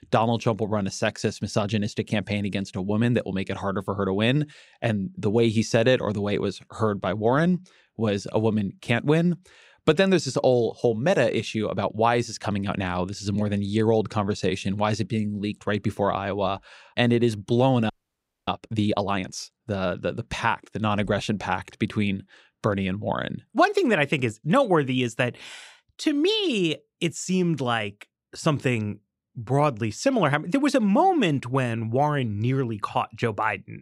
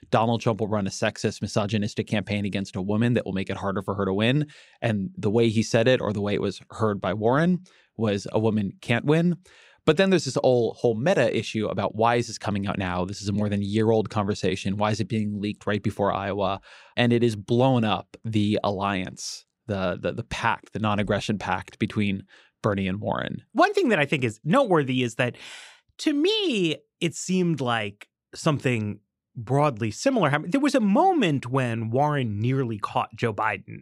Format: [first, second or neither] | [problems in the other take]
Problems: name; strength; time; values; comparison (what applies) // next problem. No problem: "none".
second | audio freezing; at 18 s for 0.5 s